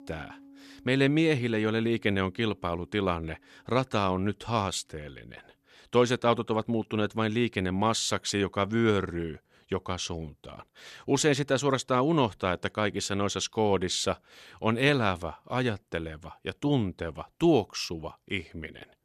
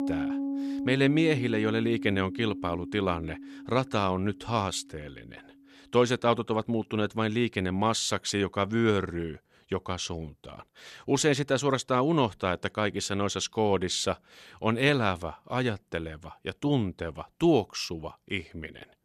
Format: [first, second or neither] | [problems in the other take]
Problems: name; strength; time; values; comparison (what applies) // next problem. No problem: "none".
first | background music; loud; throughout; 8 dB below the speech; faint in the first